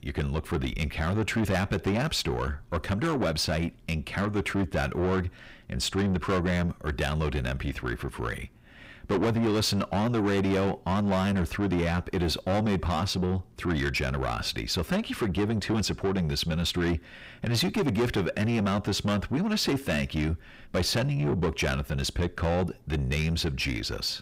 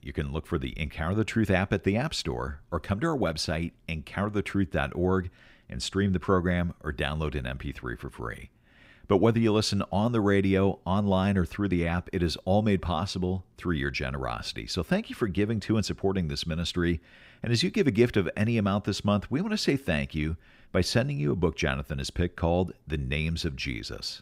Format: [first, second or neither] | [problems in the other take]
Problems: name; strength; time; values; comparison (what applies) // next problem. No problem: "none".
second | distortion; heavy; 7 dB below the speech